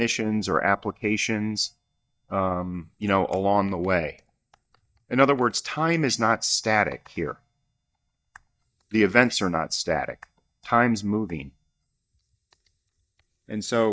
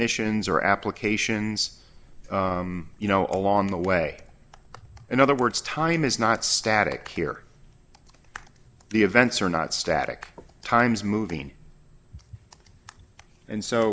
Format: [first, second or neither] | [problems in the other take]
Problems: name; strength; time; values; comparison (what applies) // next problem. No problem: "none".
second | noise reduction (neural mask model DeepFilterNet 3)